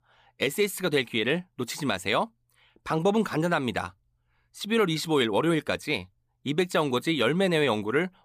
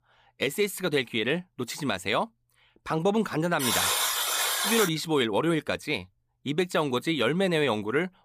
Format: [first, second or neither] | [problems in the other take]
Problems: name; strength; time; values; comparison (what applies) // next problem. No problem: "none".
first | alarm; loud; from 3.5 to 5 s; peak 4 dB above the speech